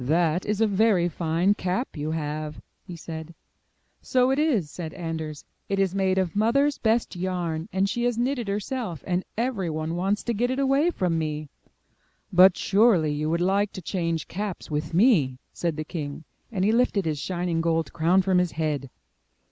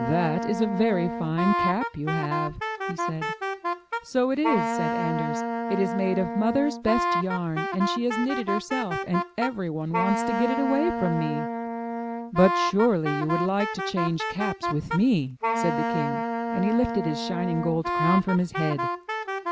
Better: first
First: none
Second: background sound (Wind instrument, woodwind instrument); 2 dB below the speech

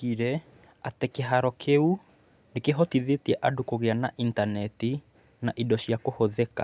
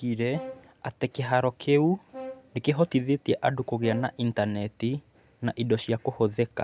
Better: first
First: none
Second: background sound (Brass instrument); 18 dB below the speech

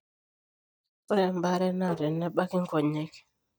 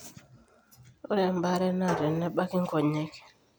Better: second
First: noise reduction (neural mask model DeepFilterNet 3)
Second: none

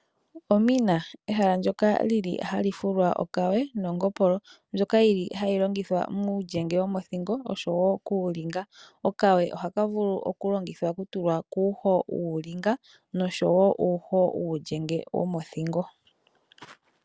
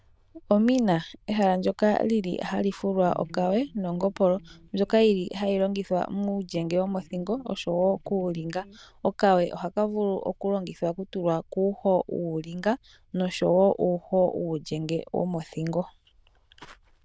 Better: first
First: none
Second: noise reduction (neural diffusion model UNIVERSE++)

